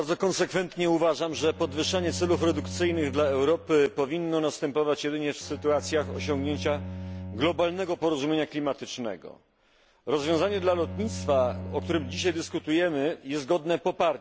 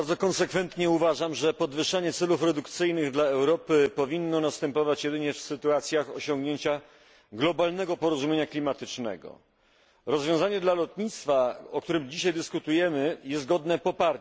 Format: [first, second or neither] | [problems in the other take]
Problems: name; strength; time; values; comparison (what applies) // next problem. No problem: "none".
second | background sound (Bowed string instrument); 12 dB below the speech